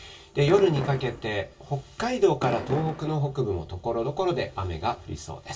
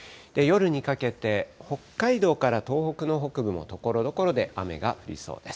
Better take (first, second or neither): second